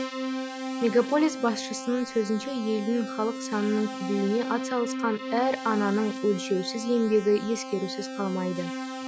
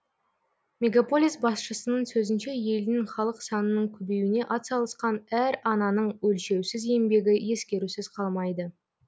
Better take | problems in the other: second | background sound (Keyboard (musical)); 7 dB below the speech

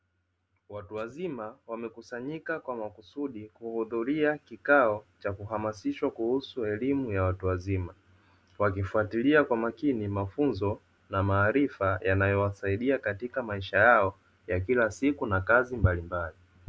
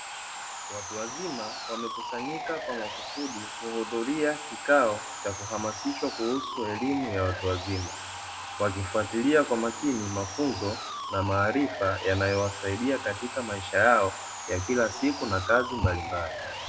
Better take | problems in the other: first | background sound (Sawing); 8 dB below the speech // room echo; dies away in 1.4 s

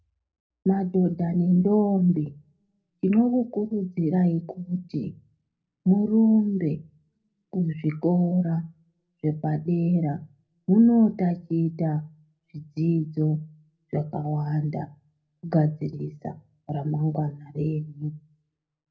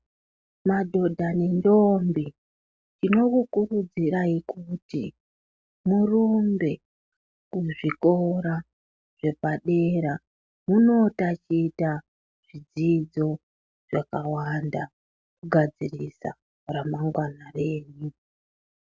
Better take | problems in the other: second | room echo; dies away in 0.4 s

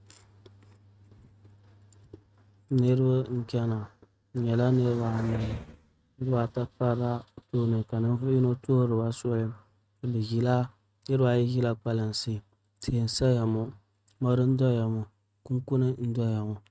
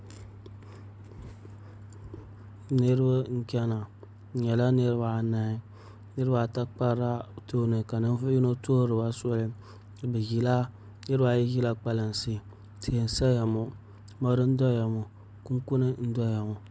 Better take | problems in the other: second | noise reduction (neural mask model RNNoise)

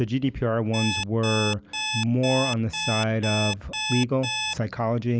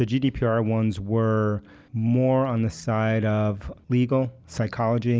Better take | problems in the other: second | background sound (Alarm); 5 dB below the speech

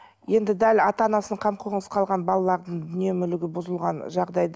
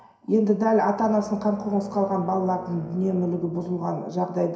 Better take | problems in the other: first | background sound (Brass instrument); 18 dB below the speech // room echo; dies away in 0.7 s

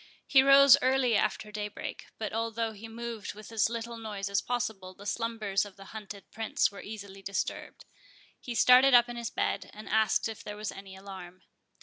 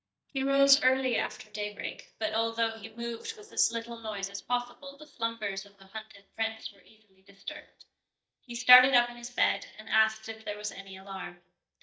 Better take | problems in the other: first | noise reduction (neural mask model DeepFilterNet 3)

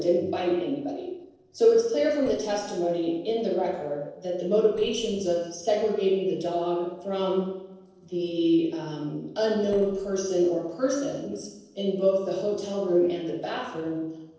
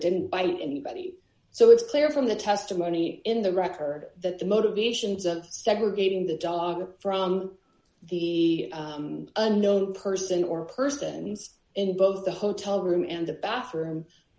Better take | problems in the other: second | noise reduction (neural separator model SepFormer DNS4)

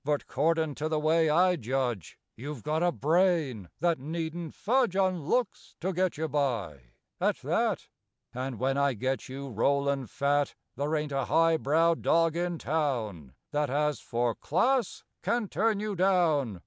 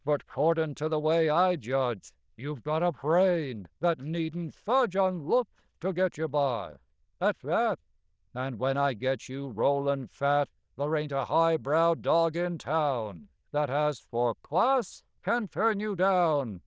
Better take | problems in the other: first | noise reduction (neural diffusion model UNIVERSE++)

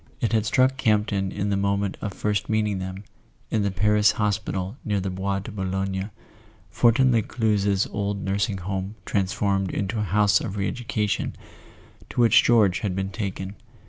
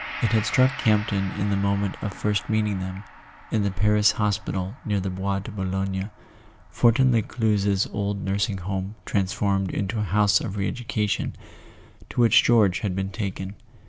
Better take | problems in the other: first | background sound (Gong); 19 dB below the speech

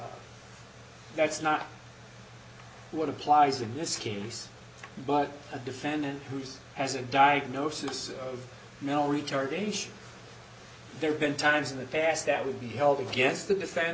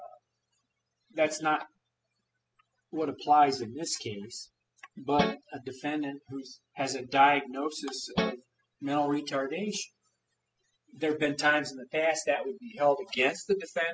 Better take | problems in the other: first | noise reduction (classical method spectral subtraction)

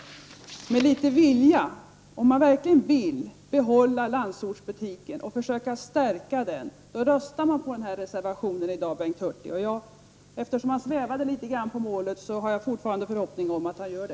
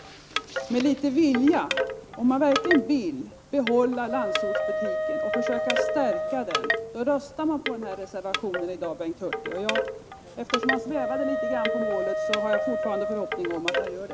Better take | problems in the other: first | background sound (Wind chime / Wood + Wind instrument, woodwind instrument); 2 dB below the speech

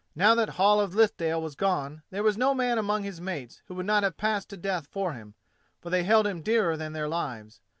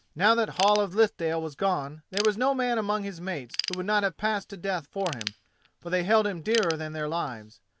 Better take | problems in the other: first | background sound (Ratchet, pawl / Tools); 13 dB below the speech

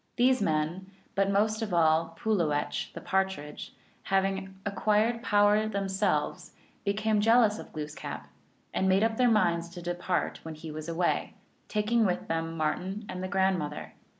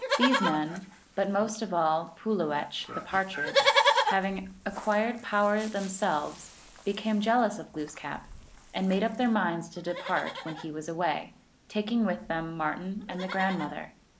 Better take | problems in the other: first | background sound (Livestock, farm animals, working animals); 4 dB below the speech

